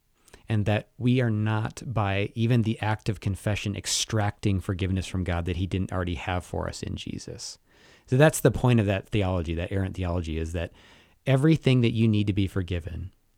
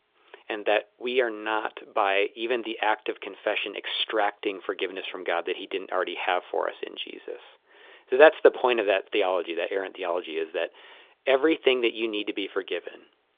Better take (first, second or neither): first